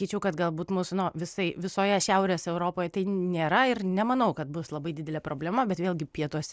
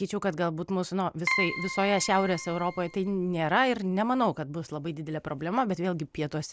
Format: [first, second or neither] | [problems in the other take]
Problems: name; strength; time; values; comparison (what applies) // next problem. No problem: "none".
first | background sound (Keyboard (musical)); 6 dB below the speech